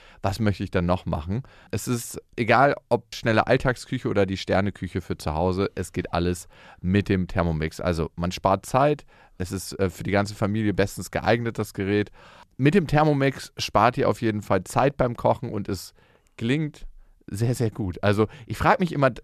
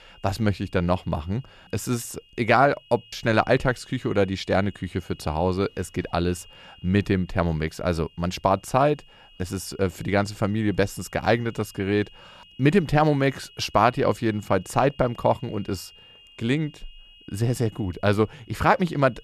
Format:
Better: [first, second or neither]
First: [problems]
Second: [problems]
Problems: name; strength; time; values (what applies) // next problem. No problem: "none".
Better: first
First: none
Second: high-pitched whine; faint; throughout; 3 kHz, 25 dB below the speech